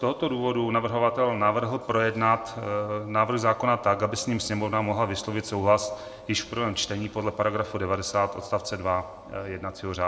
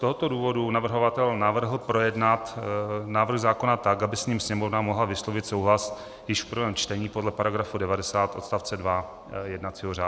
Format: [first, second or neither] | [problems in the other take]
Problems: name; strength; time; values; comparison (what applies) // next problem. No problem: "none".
second | room echo; dies away in 0.6 s